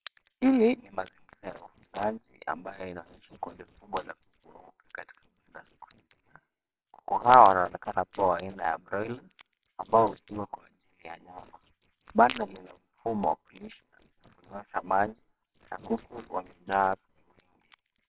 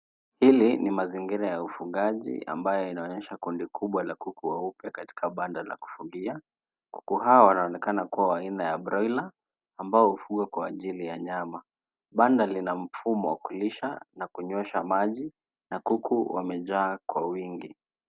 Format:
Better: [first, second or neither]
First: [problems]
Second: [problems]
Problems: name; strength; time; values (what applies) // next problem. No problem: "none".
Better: second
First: noise reduction (neural separator model SepFormer WHAMR!)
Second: none